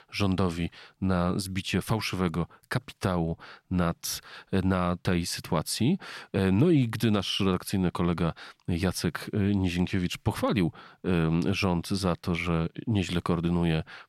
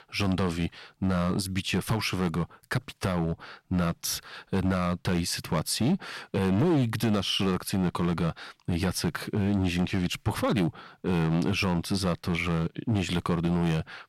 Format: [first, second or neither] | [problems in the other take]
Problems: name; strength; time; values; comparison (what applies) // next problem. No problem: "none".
first | distortion; slight; 7% of the sound clipped